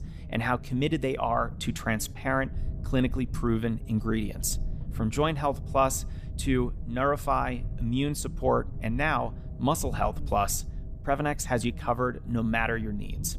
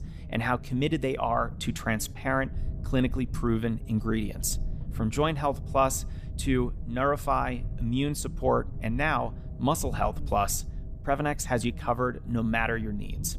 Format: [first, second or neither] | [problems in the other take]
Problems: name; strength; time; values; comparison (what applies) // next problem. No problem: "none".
neither | low rumble; faint; throughout; 20 dB below the speech; the same in both